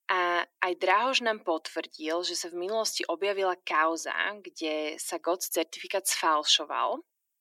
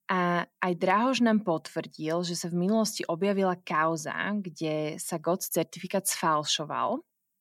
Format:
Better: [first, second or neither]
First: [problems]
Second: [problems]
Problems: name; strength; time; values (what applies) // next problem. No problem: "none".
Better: second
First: thin; very; fading below 300 Hz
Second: none